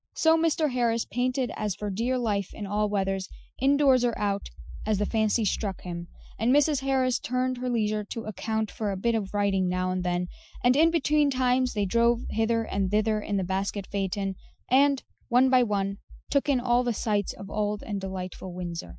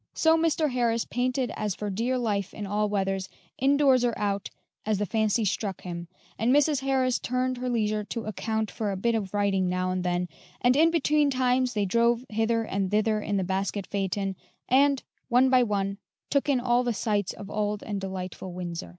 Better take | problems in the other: second | noise reduction (classical method Wiener filter)

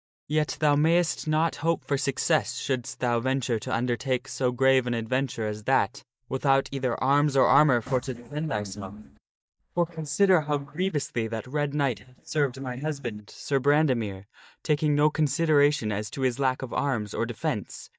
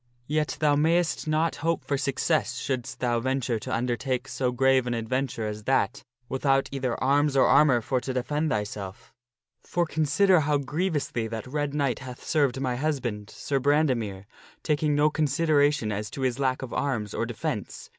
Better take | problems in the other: second | noise reduction (neural mask model DeepFilterNet 3)

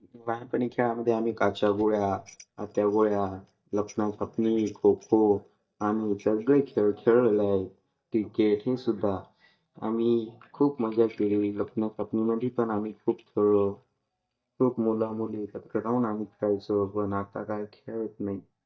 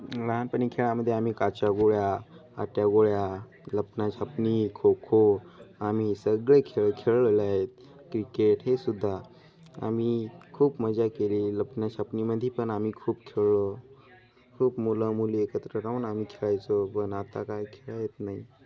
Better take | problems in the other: second | noise reduction (neural mask model DeepFilterNet 3)

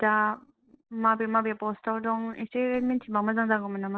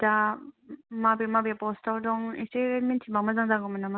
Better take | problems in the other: second | noise reduction (neural separator model SepFormer DNS4)

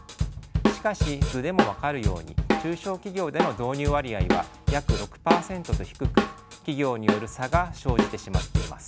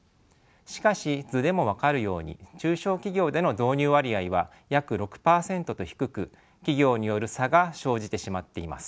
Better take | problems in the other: second | background sound (Drum kit); 3 dB above the speech

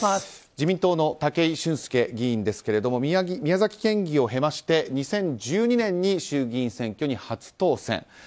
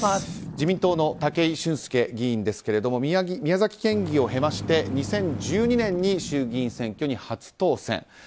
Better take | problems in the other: first | background sound (Engine + Boom); 13 dB below the speech

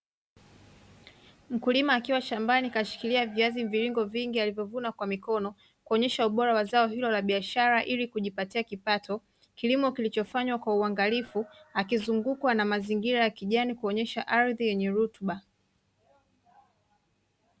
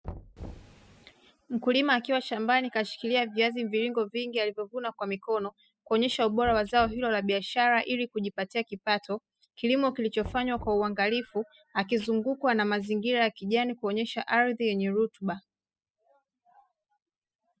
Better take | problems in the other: first | noise reduction (classical method spectral subtraction)

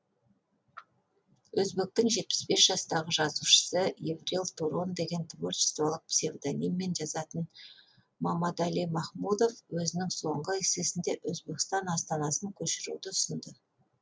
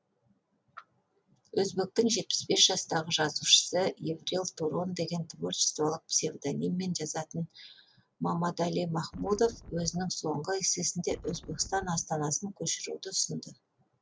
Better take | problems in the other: first | background sound (Wind); 17 dB below the speech

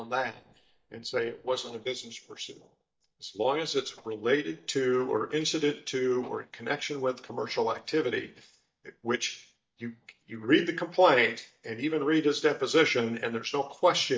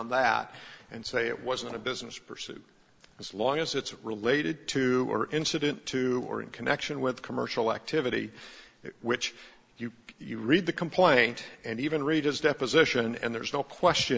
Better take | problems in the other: second | noise reduction (neural mask model DeepFilterNet 3)

